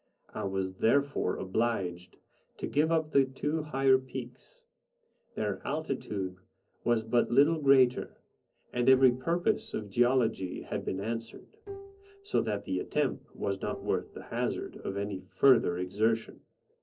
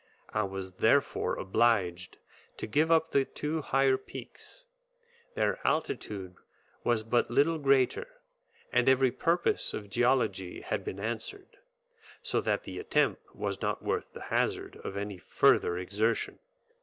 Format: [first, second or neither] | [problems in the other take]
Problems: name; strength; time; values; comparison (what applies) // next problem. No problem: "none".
second | noise reduction (neural separator model SepFormer DNS4)